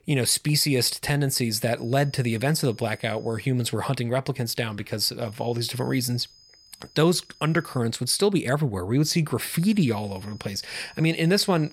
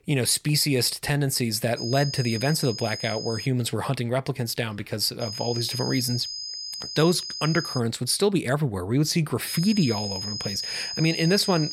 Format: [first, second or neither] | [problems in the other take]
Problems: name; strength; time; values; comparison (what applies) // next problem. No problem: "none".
first | high-pitched whine; loud; from 2 to 3.5 s, from 5 to 8 s and from 9.5 s on; 5 kHz, 6 dB below the speech; faint in the first